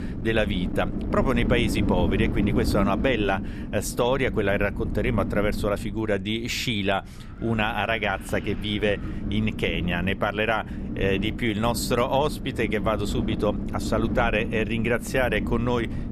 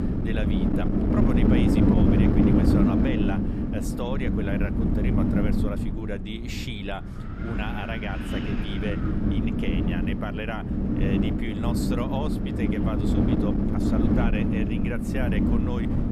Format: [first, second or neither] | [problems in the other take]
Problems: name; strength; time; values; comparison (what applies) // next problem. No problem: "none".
first | wind noise on the microphone; heavy; 4 dB above the speech; occasional gusts in the first